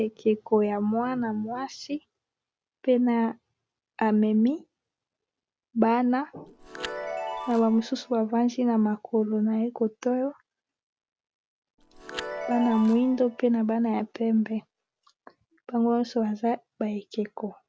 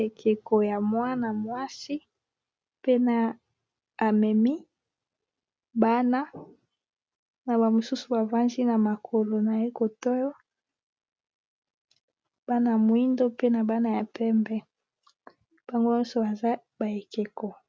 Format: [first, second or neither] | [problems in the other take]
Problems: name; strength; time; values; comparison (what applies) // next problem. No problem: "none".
second | background sound (Chime); 13 dB below the speech